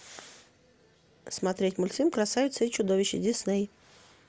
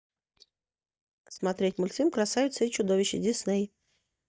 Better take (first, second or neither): first